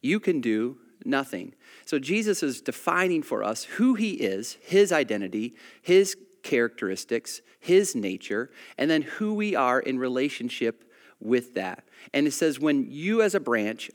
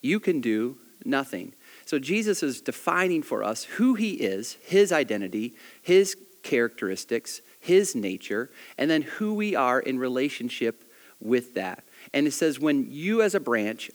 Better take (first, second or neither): first